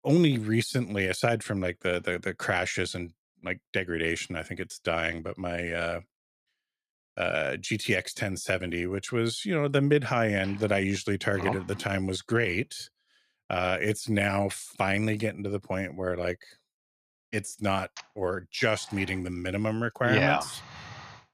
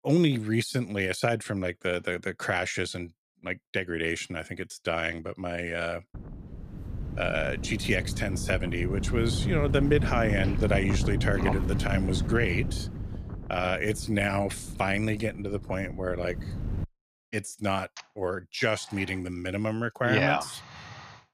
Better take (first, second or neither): first